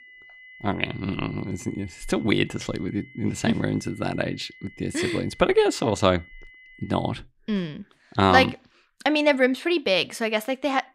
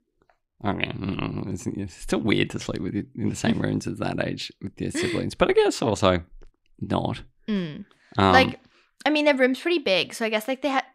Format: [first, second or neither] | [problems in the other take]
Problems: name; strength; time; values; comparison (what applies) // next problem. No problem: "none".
second | high-pitched whine; faint; until 7 s; 2 kHz, 20 dB below the speech